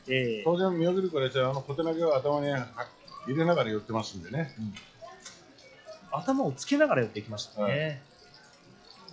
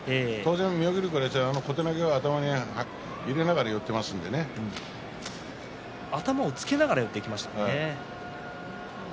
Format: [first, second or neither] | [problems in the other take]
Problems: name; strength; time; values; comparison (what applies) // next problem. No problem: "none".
second | noise reduction (classical method log-MMSE)